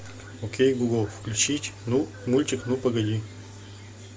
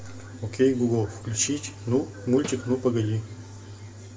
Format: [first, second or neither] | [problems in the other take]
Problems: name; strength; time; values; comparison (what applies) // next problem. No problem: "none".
first | background sound (Snare drum); 17 dB below the speech // room echo; dies away in 1 s